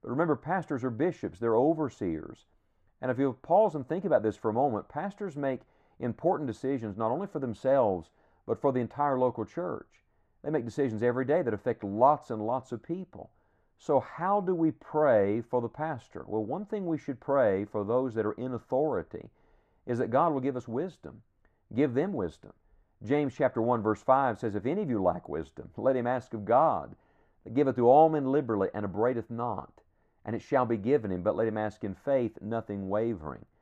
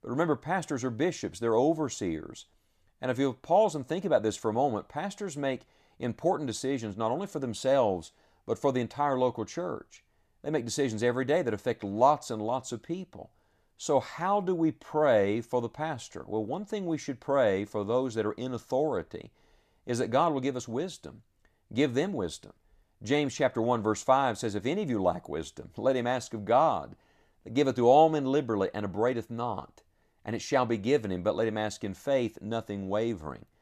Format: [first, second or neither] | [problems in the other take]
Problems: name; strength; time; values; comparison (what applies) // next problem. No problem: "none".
second | muffled; very; fading above 2.5 kHz